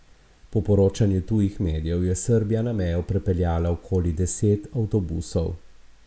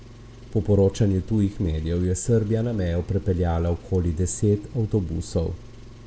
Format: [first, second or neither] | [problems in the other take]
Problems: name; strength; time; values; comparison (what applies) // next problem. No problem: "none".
first | background sound (Engine); 19 dB below the speech